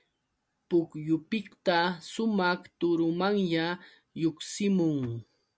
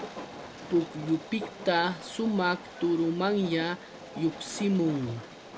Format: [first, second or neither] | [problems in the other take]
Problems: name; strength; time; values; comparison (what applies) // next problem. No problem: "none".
first | background sound (Train); 13 dB below the speech